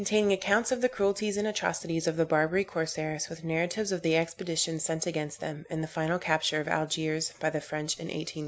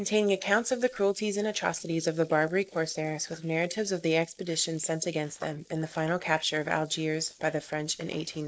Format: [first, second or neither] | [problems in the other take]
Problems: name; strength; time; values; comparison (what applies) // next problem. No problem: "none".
first | noise reduction (neural mask model Resemble Enhance denoiser)